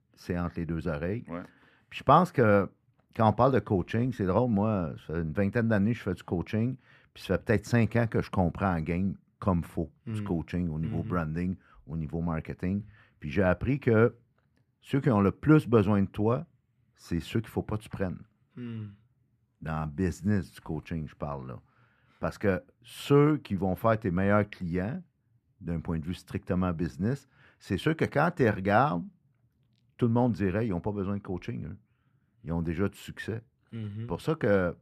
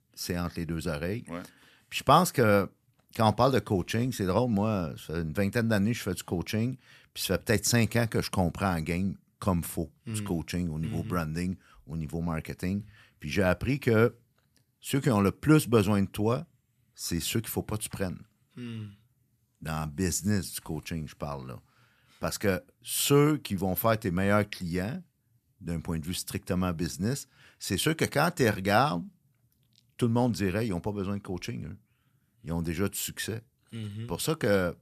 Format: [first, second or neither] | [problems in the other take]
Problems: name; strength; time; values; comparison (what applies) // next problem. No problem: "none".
second | muffled; very; fading above 3.5 kHz